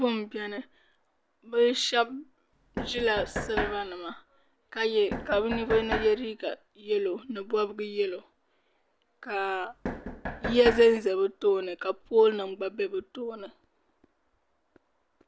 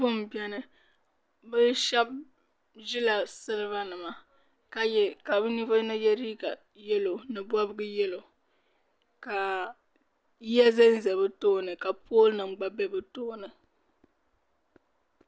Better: second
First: background sound (Knock); 6 dB below the speech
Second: none

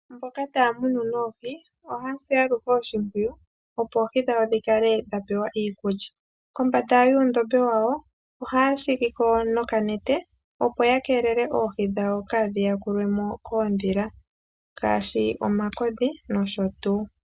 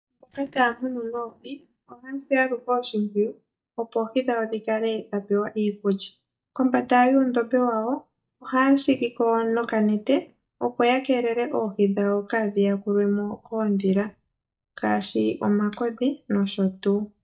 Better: first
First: none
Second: noise reduction (neural mask model DeepFilterNet 3)

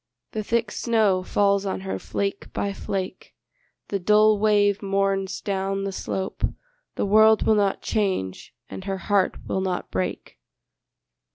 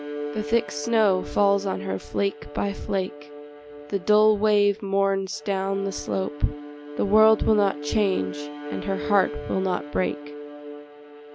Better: first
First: none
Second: background sound (Bowed string instrument); 11 dB below the speech

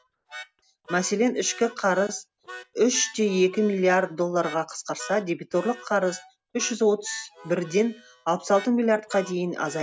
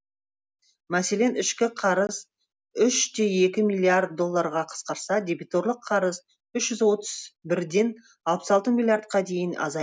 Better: second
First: background sound (Harmonica); 19 dB below the speech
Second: none

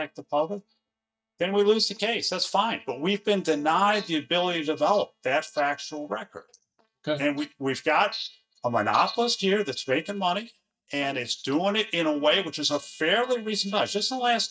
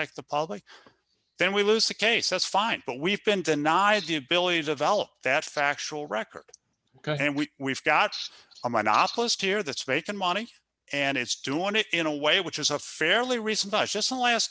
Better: second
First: noise reduction (neural mask model DeepFilterNet 3)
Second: none

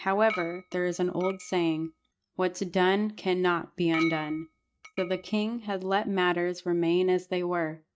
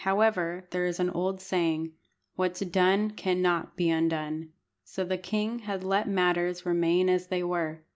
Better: second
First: noise reduction (neural mask model RNNoise)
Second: none

